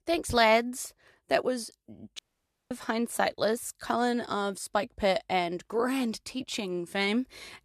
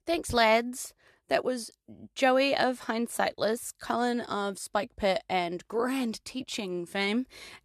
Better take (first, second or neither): second